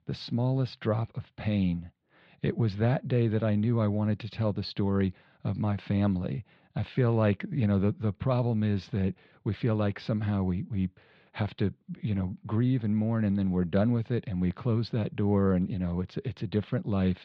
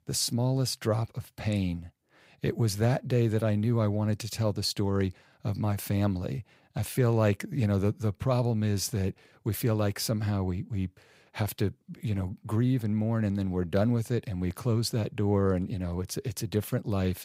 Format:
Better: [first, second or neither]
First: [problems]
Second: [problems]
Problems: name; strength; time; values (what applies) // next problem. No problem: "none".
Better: second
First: muffled; slightly; fading above 4 kHz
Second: none